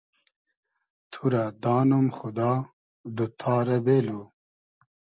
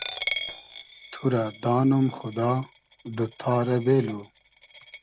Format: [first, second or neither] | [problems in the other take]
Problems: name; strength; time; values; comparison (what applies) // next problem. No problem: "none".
first | background sound (Coin (dropping)); 13 dB below the speech